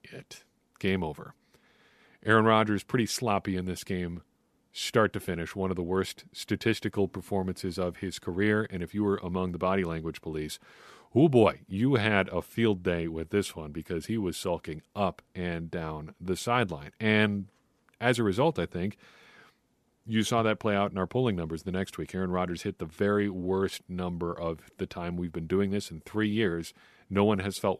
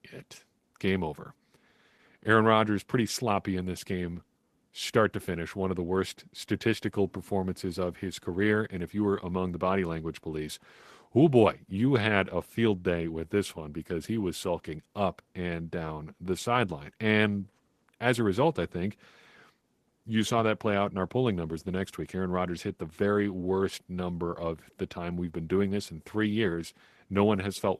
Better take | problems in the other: first | garbled, watery; slightly; nothing above 14 kHz

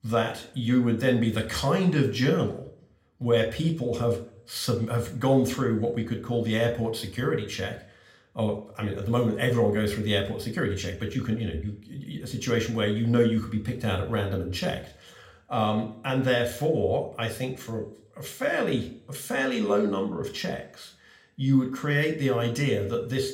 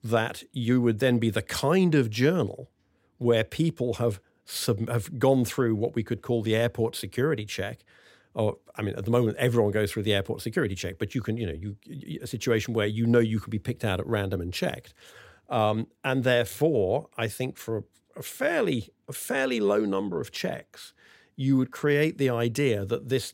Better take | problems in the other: second | room echo; very slight; dies away in 0.4 s

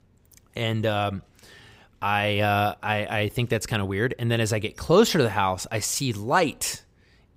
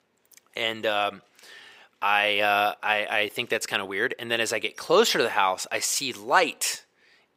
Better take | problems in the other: first | thin; somewhat; fading below 400 Hz

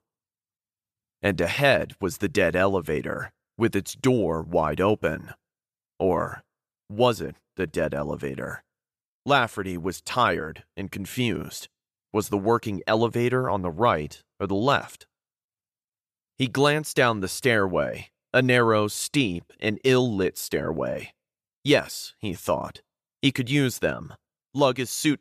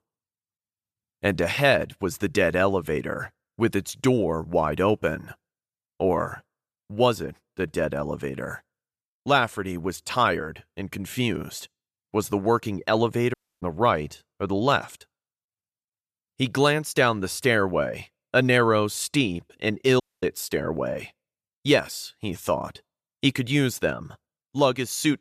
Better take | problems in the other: first | audio cutting out; at 13 s and at 20 s

